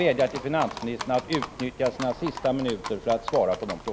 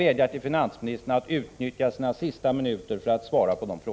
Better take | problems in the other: second | background sound (Livestock, farm animals, working animals); 11 dB below the speech

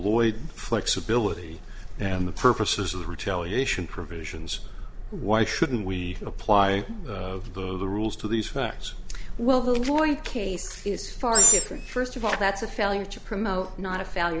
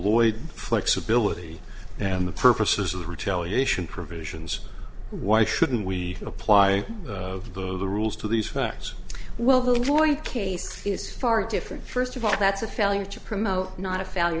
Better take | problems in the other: second | background sound (Animal); 2 dB above the speech

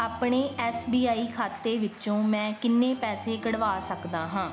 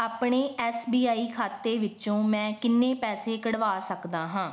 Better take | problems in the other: second | background sound (Organ); 16 dB below the speech

